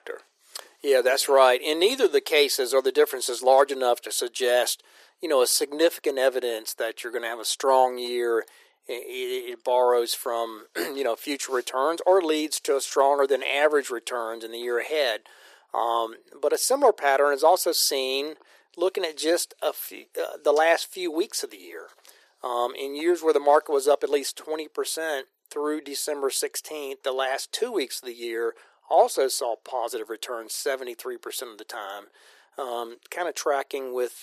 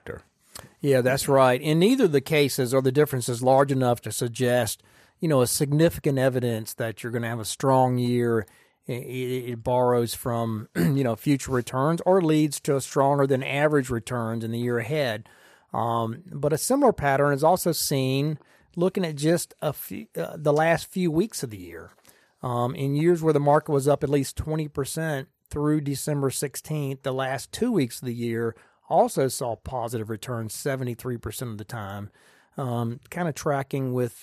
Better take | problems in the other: second | thin; very; fading below 350 Hz

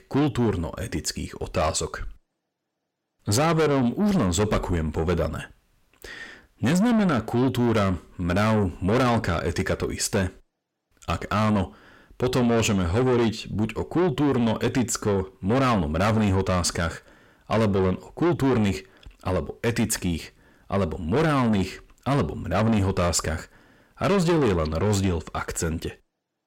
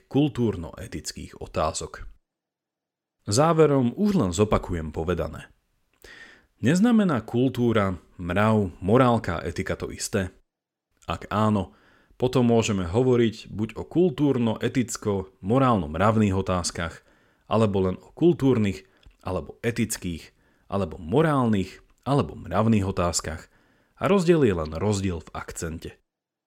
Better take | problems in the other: second | distortion; heavy; 7 dB below the speech

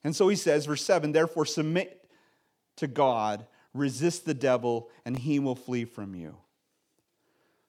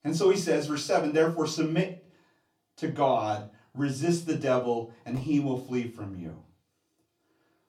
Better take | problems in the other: first | off-mic speech; far // room echo; very slight; dies away in 0.3 s

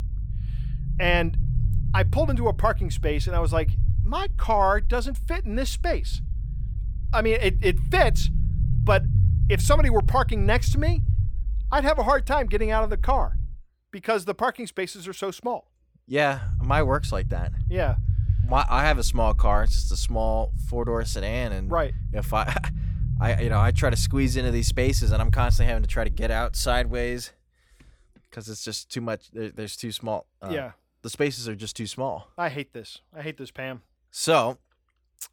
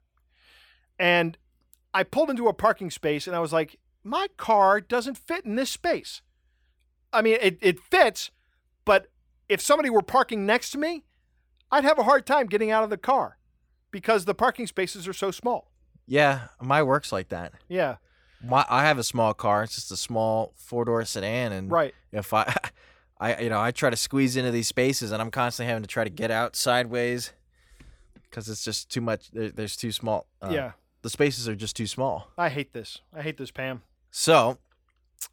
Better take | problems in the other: second | low rumble; noticeable; until 13 s and from 16 to 27 s; 15 dB below the speech

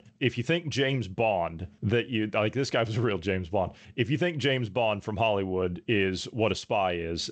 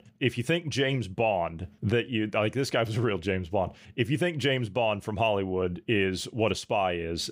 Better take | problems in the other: second | garbled, watery; slightly; nothing above 7.5 kHz

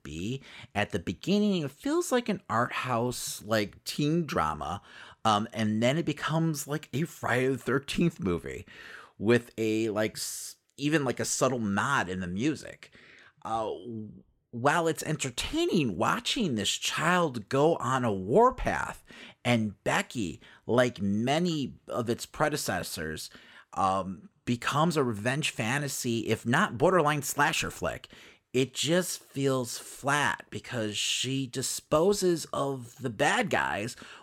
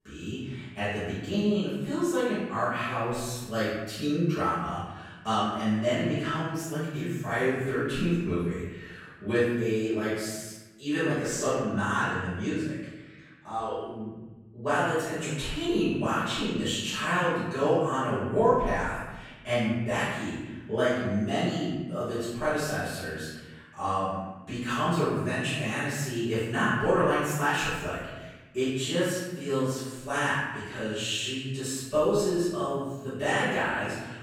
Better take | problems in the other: first | off-mic speech; far // room echo; strong; dies away in 1.1 s

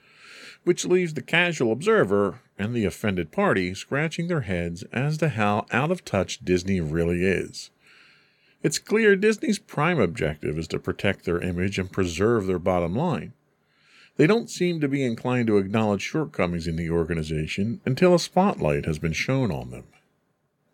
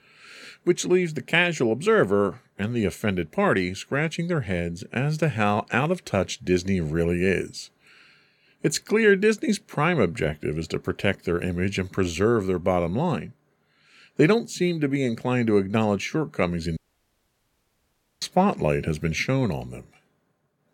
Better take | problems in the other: first | audio cutting out; at 17 s for 1.5 s

